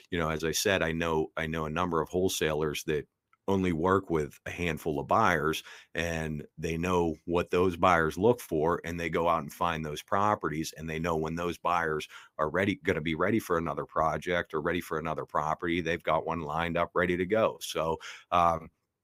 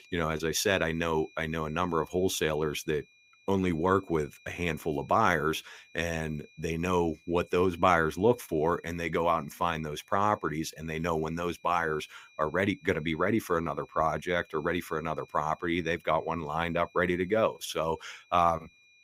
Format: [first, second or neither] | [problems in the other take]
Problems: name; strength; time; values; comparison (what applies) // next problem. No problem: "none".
first | high-pitched whine; faint; throughout; 2.5 kHz, 30 dB below the speech